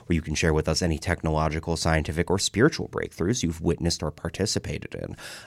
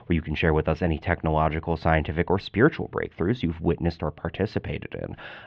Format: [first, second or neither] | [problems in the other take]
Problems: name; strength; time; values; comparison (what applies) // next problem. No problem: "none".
first | muffled; very; fading above 3.5 kHz